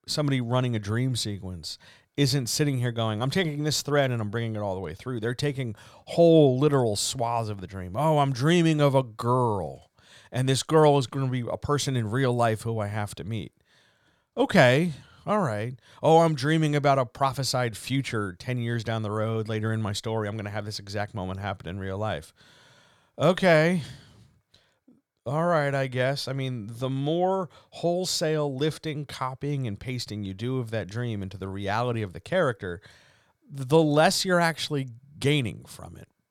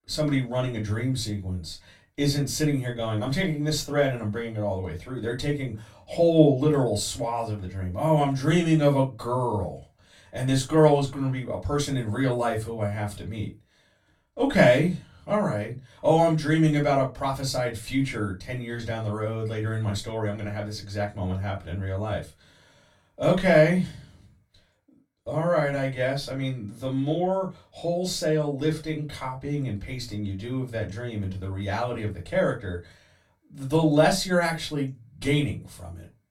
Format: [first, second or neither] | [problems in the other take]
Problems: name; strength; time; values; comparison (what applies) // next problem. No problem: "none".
first | off-mic speech; far // room echo; very slight; dies away in 0.2 s